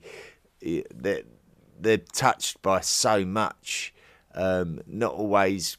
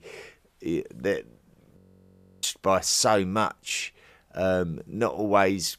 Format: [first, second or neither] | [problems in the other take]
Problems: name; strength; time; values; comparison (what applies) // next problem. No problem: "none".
first | audio freezing; at 2 s for 0.5 s